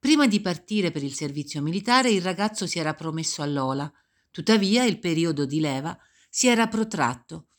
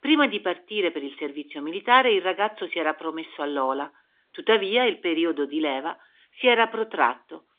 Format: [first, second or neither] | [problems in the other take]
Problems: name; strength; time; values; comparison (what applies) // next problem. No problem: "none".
first | phone-call audio; nothing above 3.5 kHz